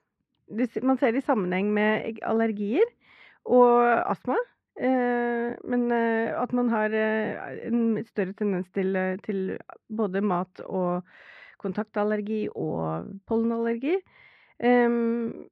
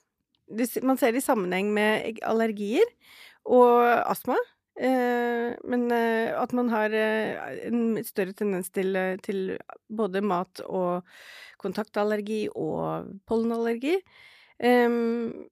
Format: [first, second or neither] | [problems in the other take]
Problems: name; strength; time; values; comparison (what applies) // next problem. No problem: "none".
second | muffled; slightly; fading above 2 kHz